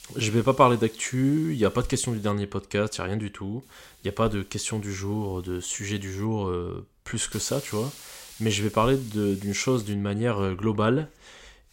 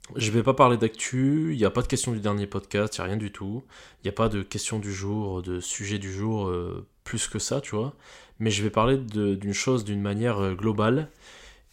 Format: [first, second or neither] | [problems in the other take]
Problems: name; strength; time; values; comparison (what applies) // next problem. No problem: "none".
second | hiss; noticeable; until 2.5 s, from 3.5 to 6.5 s and from 7.5 to 10 s; 20 dB below the speech